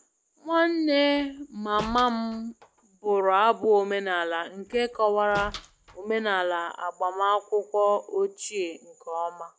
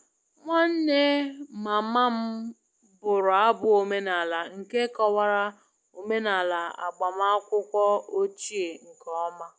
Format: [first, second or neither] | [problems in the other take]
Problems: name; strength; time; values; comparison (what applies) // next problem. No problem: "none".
second | background sound (Slam); 20 dB below the speech